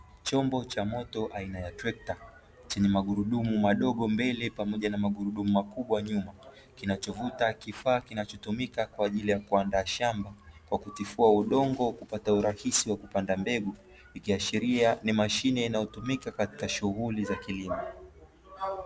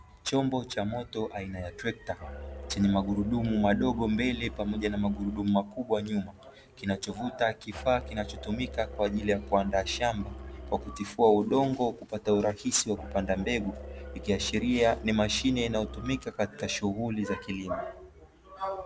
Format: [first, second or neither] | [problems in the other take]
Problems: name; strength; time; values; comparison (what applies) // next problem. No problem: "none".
first | background sound (Musical instrument); 12 dB below the speech